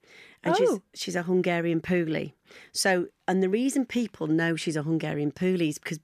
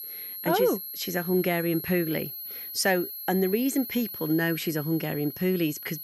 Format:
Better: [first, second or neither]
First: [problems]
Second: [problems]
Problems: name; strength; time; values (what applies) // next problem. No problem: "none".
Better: first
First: none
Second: high-pitched whine; loud; throughout; 11.5 kHz, 8 dB below the speech